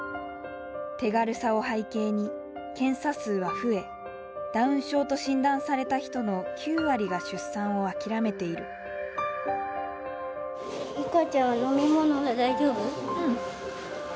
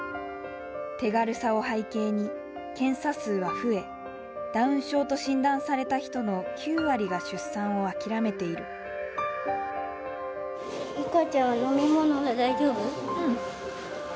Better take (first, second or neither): first